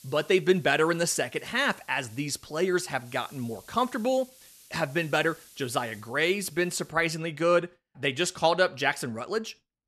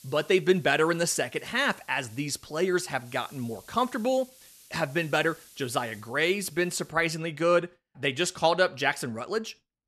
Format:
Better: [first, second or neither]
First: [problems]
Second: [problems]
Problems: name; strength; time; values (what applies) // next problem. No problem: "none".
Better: neither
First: hiss; faint; until 7 s; 25 dB below the speech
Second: hiss; faint; until 7 s; 25 dB below the speech